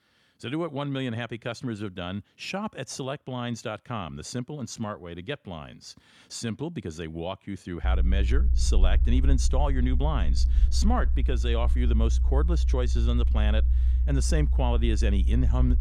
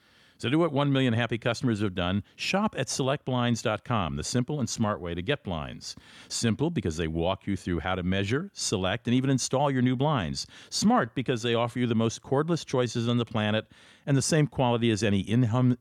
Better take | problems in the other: second | low rumble; noticeable; from 8 s on; 10 dB below the speech

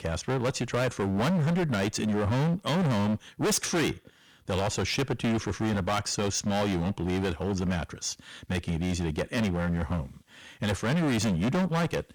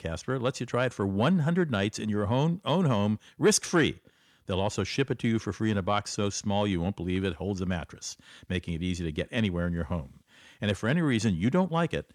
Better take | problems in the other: second | distortion; heavy; 23% of the sound clipped

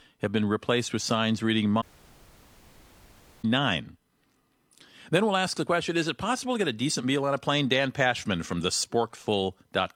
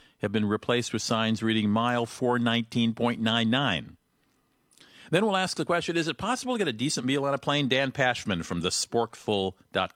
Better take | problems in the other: second | audio cutting out; at 2 s for 1.5 s

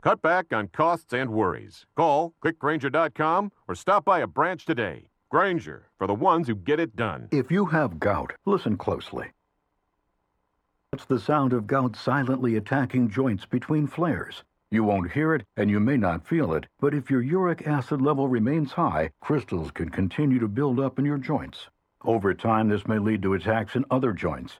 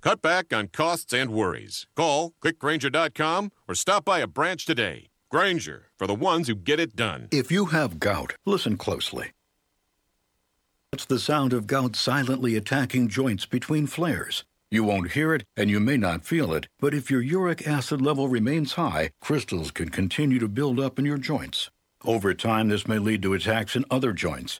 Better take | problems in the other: second | muffled; very; fading above 2.5 kHz

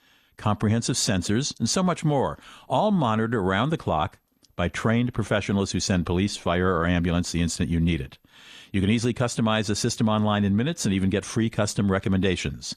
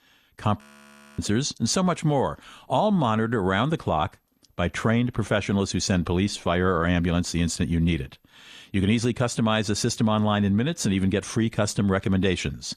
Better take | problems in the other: first | audio freezing; at 0.5 s for 0.5 s

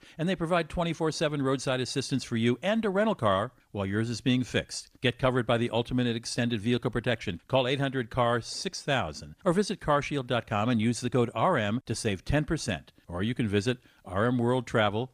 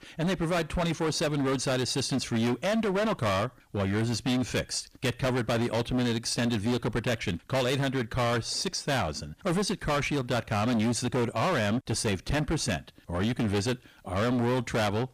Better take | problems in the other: first | distortion; heavy; 24% of the sound clipped

